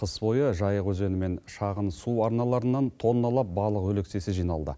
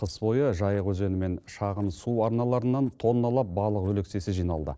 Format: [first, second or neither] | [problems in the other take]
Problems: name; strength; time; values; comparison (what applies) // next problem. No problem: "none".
first | noise reduction (neural separator model SepFormer DNS4)